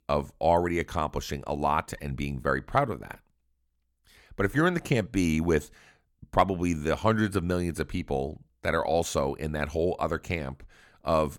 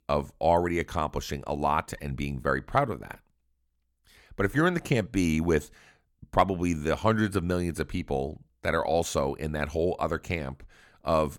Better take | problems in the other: neither | none

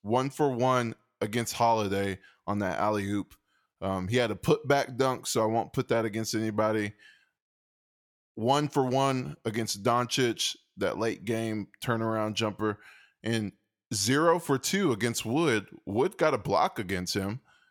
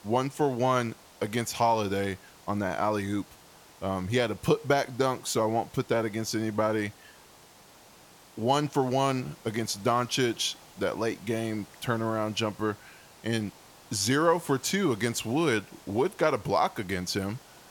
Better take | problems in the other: first | hiss; faint; throughout; 25 dB below the speech

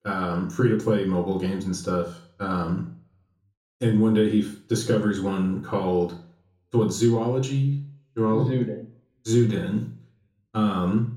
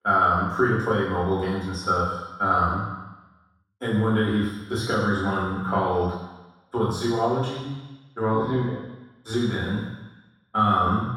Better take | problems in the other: first | room echo; strong; dies away in 1.2 s; slight in the first // off-mic speech; far; far in the first

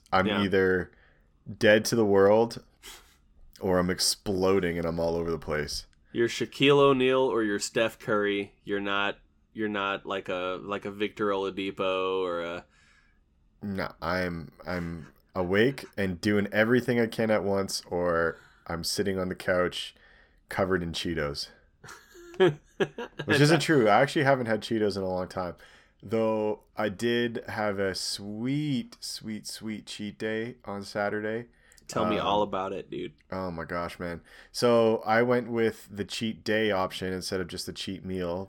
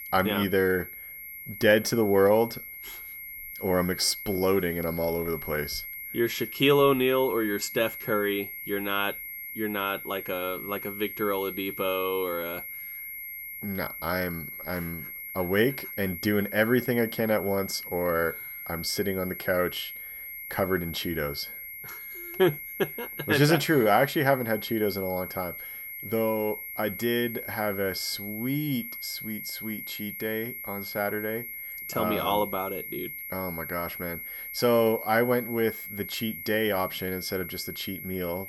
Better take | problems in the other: first | high-pitched whine; loud; throughout; 2 kHz, 8 dB below the speech

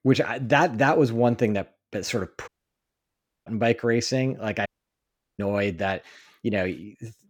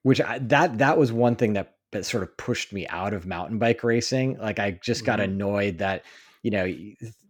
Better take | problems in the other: second | audio cutting out; at 2.5 s for 1 s and at 4.5 s for 0.5 s

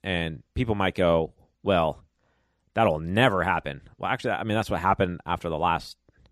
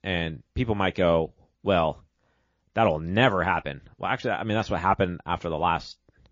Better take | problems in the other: first | garbled, watery; slightly

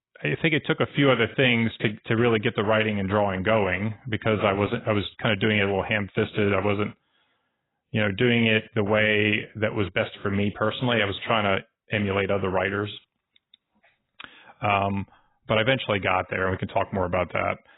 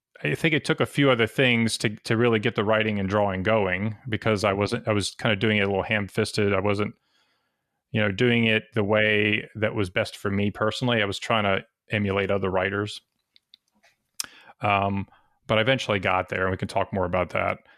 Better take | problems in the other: second | garbled, watery; badly; nothing above 3.5 kHz

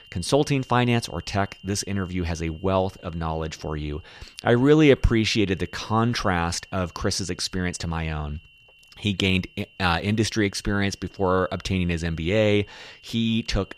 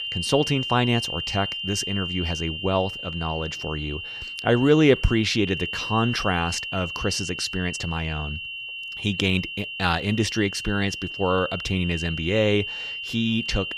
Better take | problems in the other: first | high-pitched whine; loud; throughout; 3 kHz, 5 dB below the speech; faint in the first

